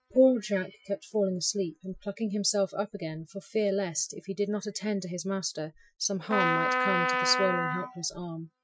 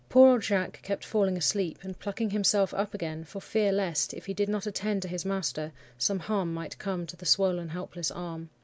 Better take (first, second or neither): second